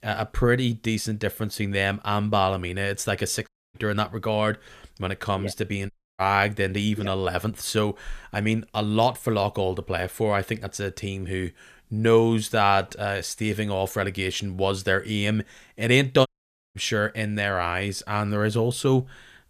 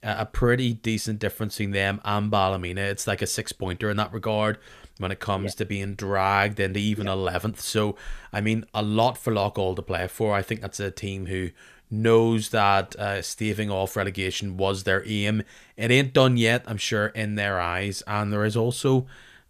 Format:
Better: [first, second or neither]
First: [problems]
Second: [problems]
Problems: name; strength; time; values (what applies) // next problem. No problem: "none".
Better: second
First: audio cutting out; at 3.5 s, at 6 s and at 16 s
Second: none